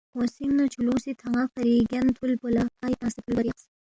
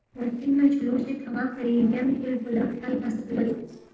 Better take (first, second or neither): first